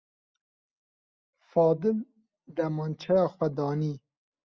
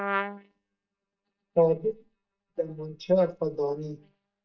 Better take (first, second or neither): first